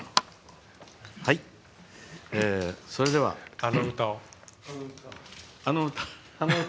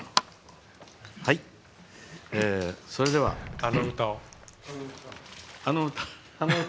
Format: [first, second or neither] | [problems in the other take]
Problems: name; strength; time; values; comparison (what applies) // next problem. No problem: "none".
first | background sound (Explosion + Water / Splash, splatter); 17 dB below the speech